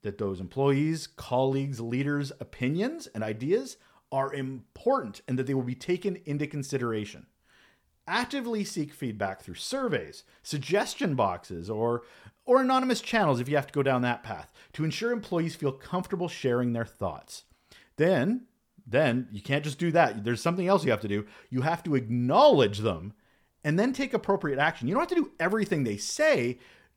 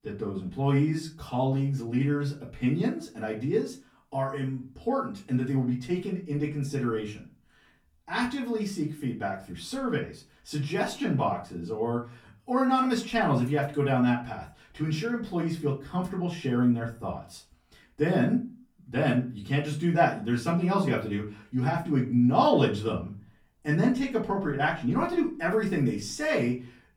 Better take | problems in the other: first | off-mic speech; far // room echo; very slight; dies away in 0.3 s

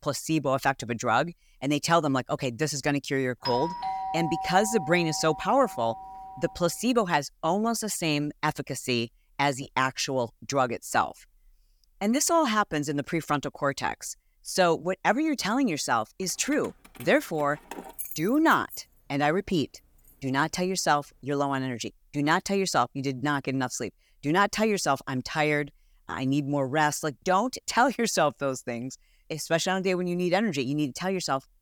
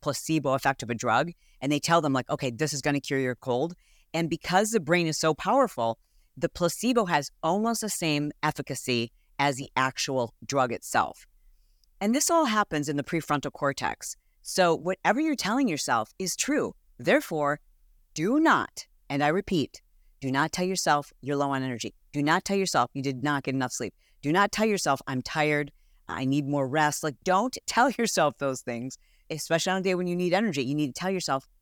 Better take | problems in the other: second | doorbell; noticeable; from 3.5 to 6.5 s; peak 4 dB below the speech // jangling keys; noticeable; from 16 to 19 s; peak 8 dB below the speech

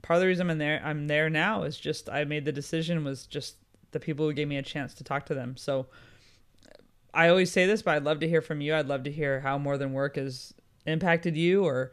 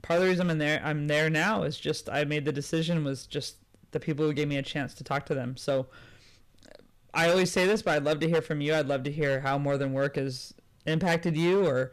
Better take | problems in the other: first | distortion; slight; 8% of the sound clipped

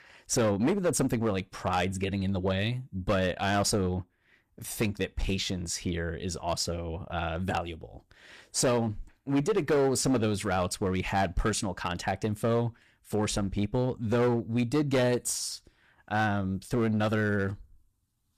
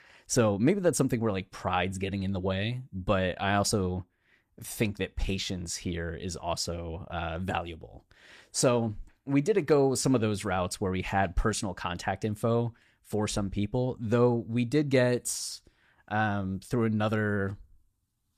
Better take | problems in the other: second | distortion; slight; 7% of the sound clipped

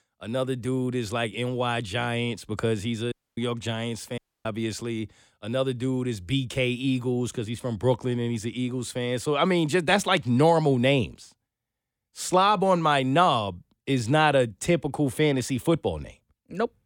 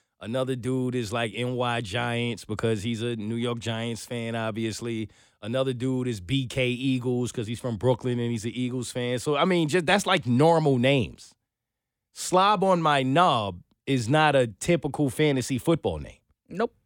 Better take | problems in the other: second | audio cutting out; at 3 s and at 4 s

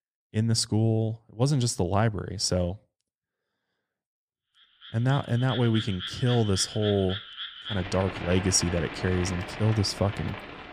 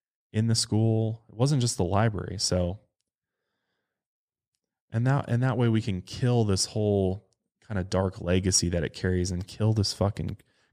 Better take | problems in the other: second | animal sounds; loud; from 5 s on; 10 dB below the speech

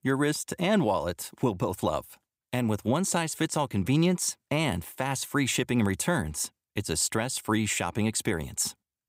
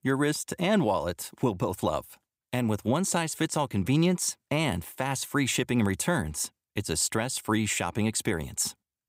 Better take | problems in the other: neither | none

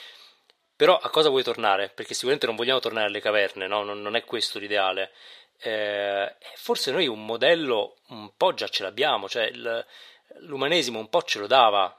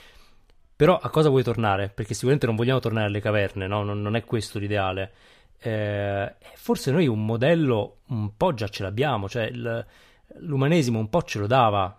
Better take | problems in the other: second | thin; very; fading below 500 Hz

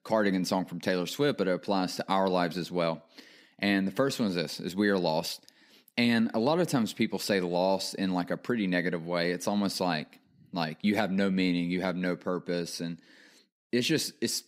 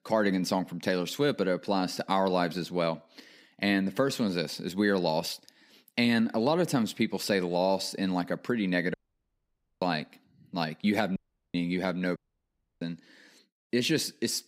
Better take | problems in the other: first | audio cutting out; at 9 s for 1 s, at 11 s and at 12 s for 0.5 s

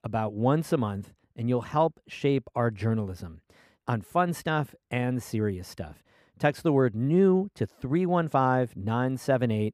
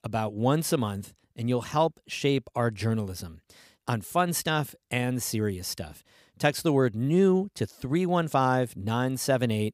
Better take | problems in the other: second | muffled; slightly; fading above 3 kHz

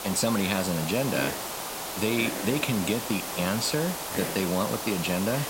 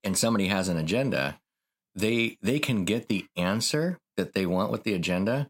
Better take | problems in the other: second | hiss; loud; throughout; 4 dB below the speech

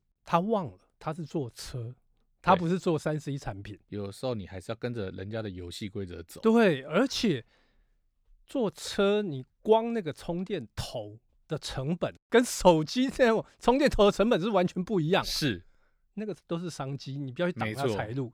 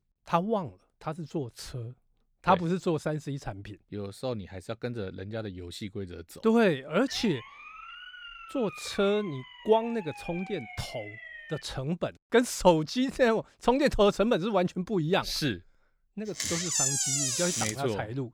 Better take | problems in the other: first | siren; faint; from 7 to 12 s; peak 15 dB below the speech // door banging; loud; from 16 to 18 s; peak 5 dB above the speech

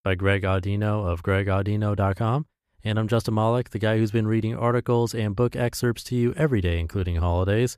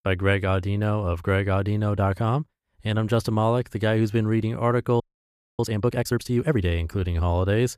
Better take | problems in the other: first | audio freezing; at 5 s for 0.5 s

